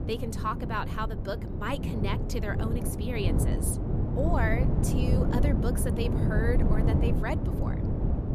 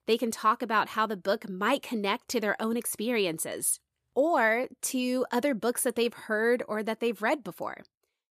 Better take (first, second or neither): second